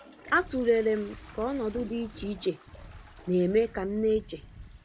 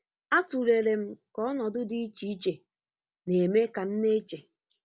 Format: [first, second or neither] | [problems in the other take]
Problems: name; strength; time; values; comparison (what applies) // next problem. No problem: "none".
second | background sound (Toilet flush + Wind); 17 dB below the speech